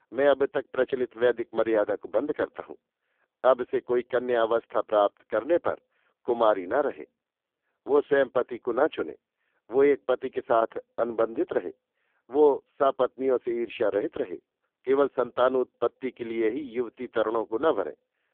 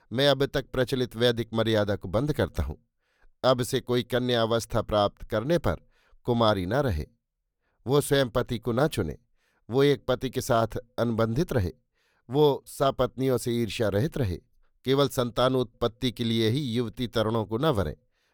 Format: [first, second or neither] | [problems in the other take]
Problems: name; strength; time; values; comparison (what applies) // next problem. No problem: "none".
second | phone-call audio; poor line; nothing above 3.5 kHz